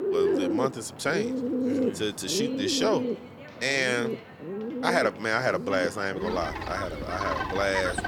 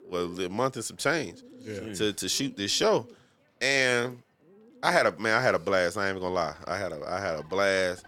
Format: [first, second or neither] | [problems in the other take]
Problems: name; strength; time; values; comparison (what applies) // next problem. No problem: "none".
second | animal sounds; loud; throughout; 2 dB below the speech; faint in the second